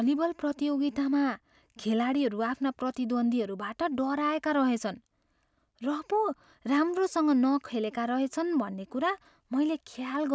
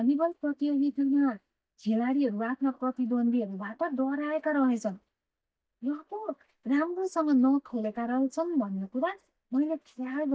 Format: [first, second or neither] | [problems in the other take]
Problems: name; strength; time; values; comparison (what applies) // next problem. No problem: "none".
first | noise reduction (neural mask model DeepFilterNet 3)